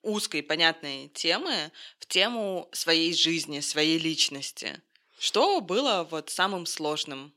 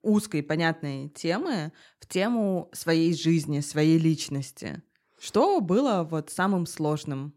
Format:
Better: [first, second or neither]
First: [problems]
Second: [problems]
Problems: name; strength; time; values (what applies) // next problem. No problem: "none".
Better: second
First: thin; somewhat; fading below 400 Hz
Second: none